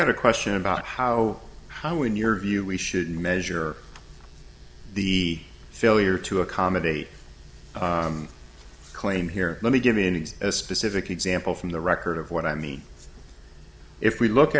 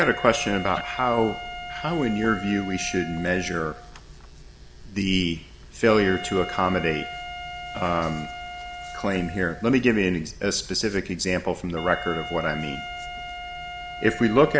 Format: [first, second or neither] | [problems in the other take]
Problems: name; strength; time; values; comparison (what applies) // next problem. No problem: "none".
first | background sound (Wind instrument, woodwind instrument); 12 dB below the speech